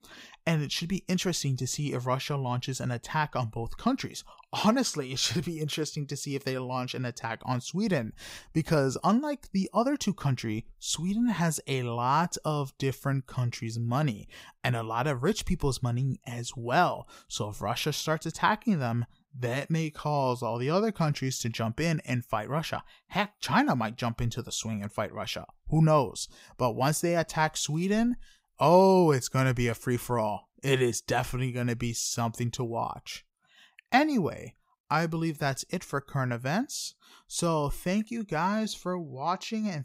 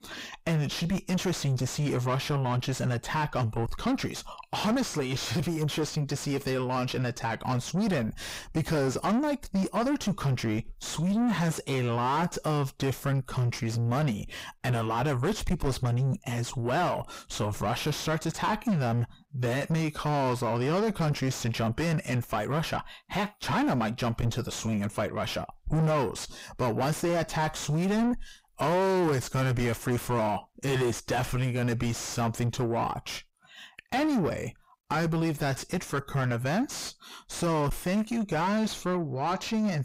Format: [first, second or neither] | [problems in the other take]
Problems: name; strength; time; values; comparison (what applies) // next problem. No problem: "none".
first | distortion; heavy; 4 dB below the speech